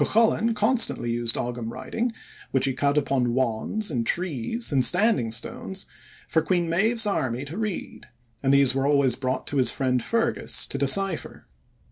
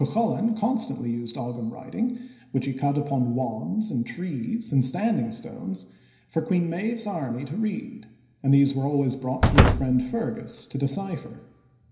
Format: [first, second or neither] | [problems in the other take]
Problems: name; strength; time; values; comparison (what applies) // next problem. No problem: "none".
first | background sound (Slam); 3 dB above the speech // room echo; dies away in 0.9 s